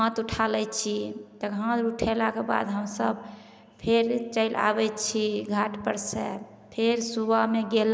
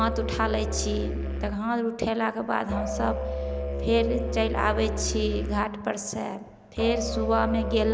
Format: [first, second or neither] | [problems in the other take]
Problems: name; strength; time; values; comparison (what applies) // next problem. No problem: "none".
first | background sound (Musical instrument); 4 dB below the speech